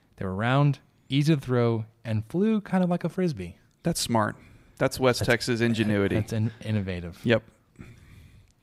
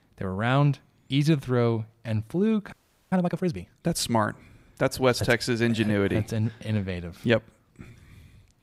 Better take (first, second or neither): first